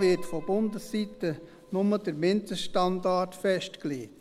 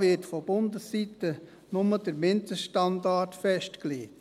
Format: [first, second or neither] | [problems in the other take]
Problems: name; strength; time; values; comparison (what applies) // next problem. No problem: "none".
second | background sound (Piano); 13 dB below the speech